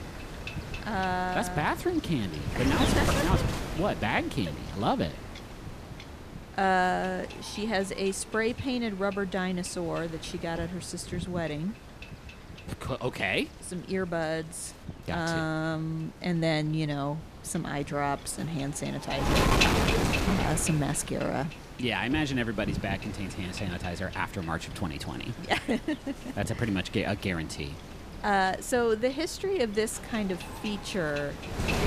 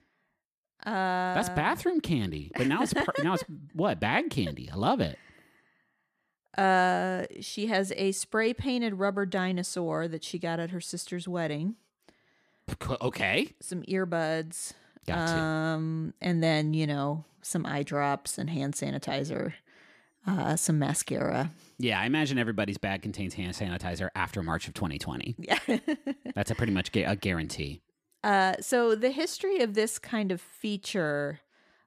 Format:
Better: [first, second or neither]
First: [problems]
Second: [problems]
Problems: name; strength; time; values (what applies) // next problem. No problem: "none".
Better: second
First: wind noise on the microphone; heavy; 5 dB below the speech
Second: none